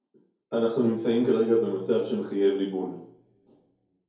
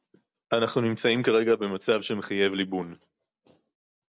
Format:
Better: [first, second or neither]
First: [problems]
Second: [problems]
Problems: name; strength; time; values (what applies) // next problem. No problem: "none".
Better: second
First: room echo; dies away in 2.3 s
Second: none